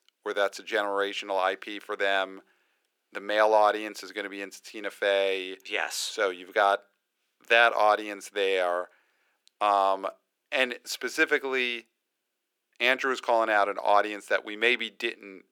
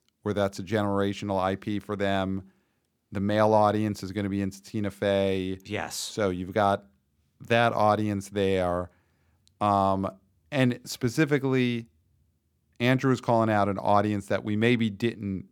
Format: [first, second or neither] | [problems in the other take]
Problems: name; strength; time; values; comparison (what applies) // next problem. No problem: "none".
second | thin; very; fading below 400 Hz